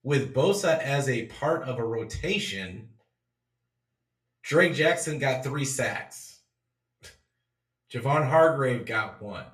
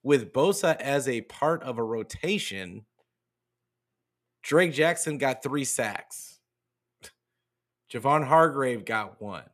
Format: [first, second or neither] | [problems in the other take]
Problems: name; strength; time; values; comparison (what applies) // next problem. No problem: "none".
second | room echo; very slight; dies away in 0.3 s // off-mic speech; far